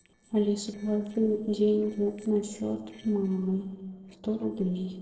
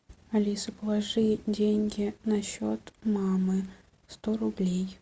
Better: second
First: noise reduction (neural separator model SepFormer DNS4)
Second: none

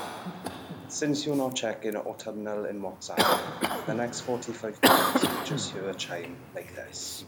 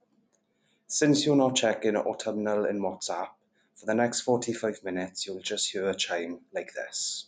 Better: second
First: background sound (Cough); 3 dB above the speech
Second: none

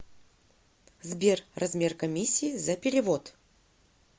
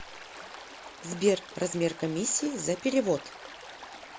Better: first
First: none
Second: background sound (Stream); 14 dB below the speech

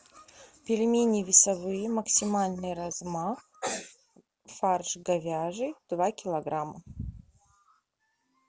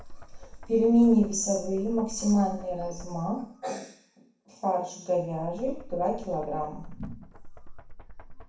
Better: first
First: none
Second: background sound (Knock); 13 dB below the speech // room echo; dies away in 0.6 s

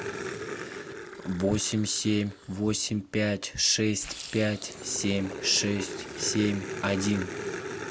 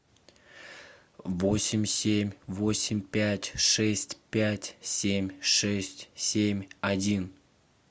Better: second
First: background sound (Growling); 9 dB below the speech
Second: none

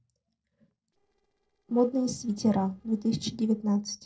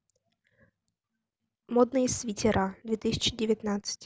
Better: second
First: noise reduction (neural separator model SepFormer DNS4)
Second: none

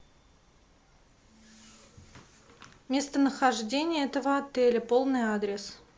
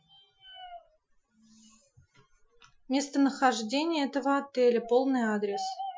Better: first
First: none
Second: noise reduction (classical method Wiener filter)

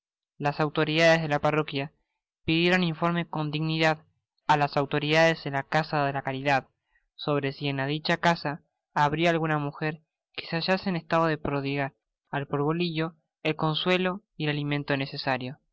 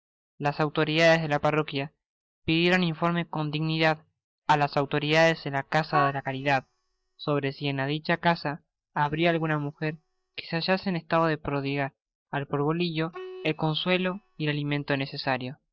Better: first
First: none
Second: noise reduction (neural mask model DeepFilterNet 3)

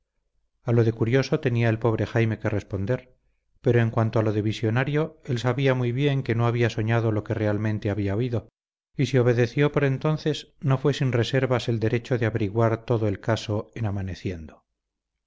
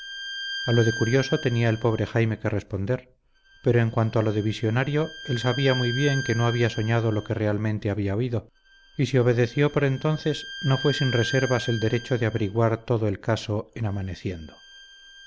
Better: first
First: none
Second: background sound (Bowed string instrument); 13 dB below the speech

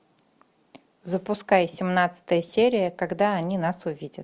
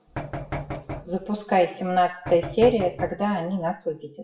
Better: first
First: none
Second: noise reduction (classical method WPE with log-MMSE)

